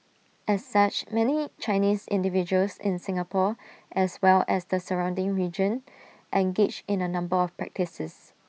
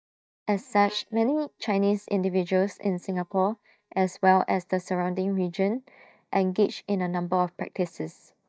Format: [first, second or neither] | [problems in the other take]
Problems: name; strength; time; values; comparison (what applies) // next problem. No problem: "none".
first | noise reduction (neural mask model DeepFilterNet 3)